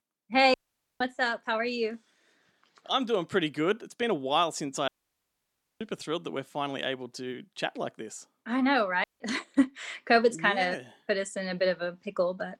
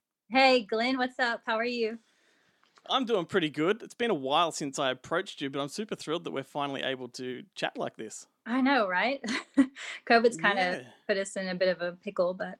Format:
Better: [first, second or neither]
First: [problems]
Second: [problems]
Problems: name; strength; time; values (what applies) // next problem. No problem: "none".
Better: second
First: audio cutting out; at 0.5 s, at 5 s for 1 s and at 9 s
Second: none